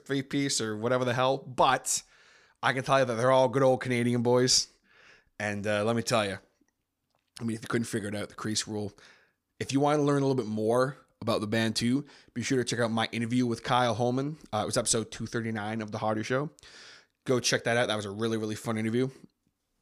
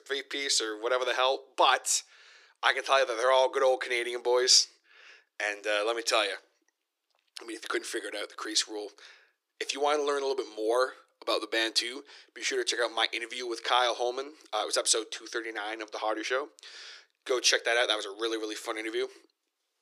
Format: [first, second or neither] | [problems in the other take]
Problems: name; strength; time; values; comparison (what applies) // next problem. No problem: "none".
first | thin; very; fading below 300 Hz